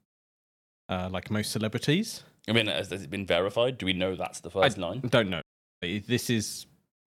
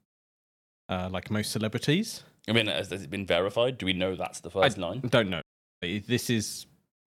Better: neither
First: audio cutting out; at 5.5 s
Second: audio cutting out; at 5.5 s

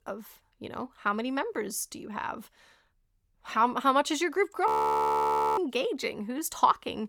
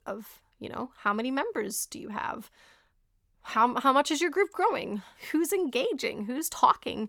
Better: second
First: audio freezing; at 4.5 s for 1 s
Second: none

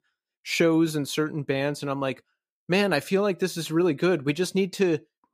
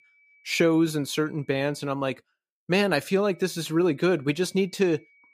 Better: first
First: none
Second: high-pitched whine; faint; until 2 s and from 3.5 s on; 2.5 kHz, 35 dB below the speech

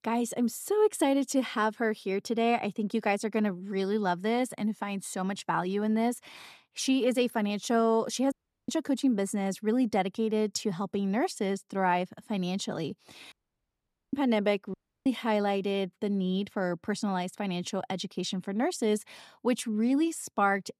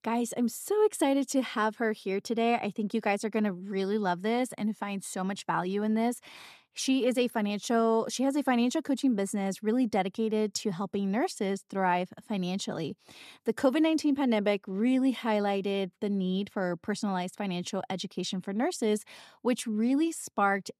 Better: second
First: audio cutting out; at 8.5 s, at 13 s for 1 s and at 15 s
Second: none

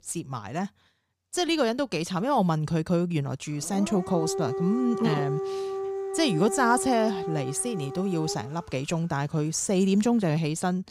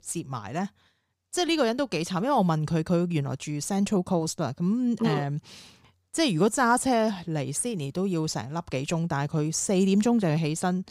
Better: second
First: dog barking; noticeable; from 3.5 to 8.5 s; peak 4 dB below the speech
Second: none

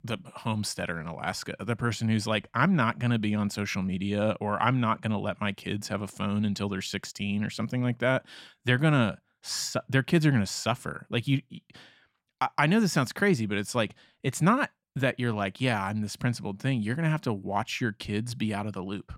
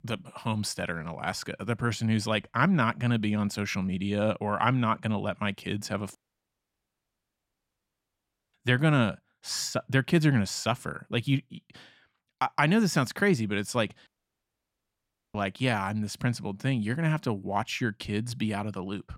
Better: first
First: none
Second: audio cutting out; at 6 s for 2.5 s and at 14 s for 1.5 s

